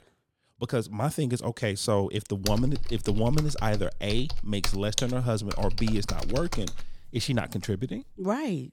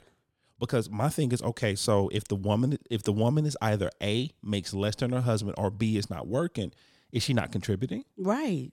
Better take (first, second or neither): second